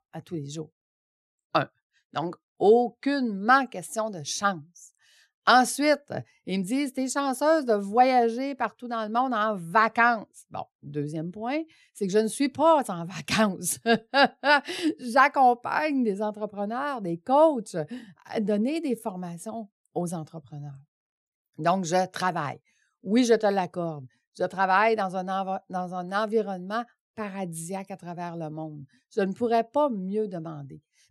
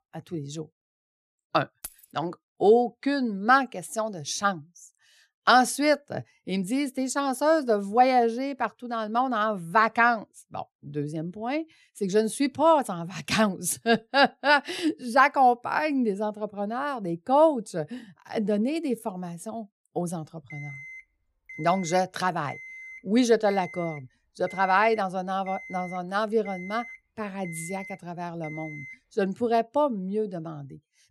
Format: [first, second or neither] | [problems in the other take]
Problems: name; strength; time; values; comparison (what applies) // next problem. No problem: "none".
first | jangling keys; faint; at 2 s; peak 15 dB below the speech // alarm; faint; from 21 to 29 s; peak 15 dB below the speech